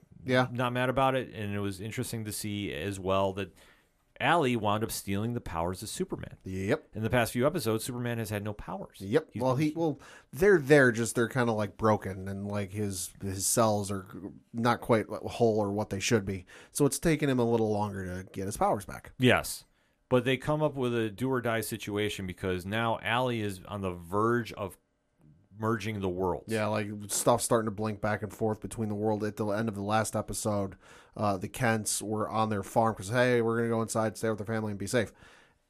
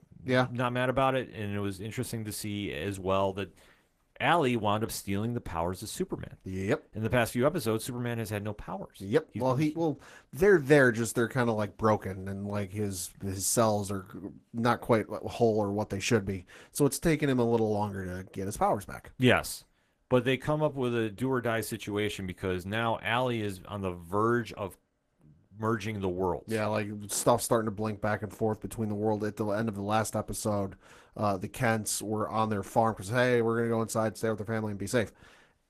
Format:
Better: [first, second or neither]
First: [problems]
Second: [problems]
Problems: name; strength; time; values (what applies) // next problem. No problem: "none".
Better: first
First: none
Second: garbled, watery; slightly; nothing above 14.5 kHz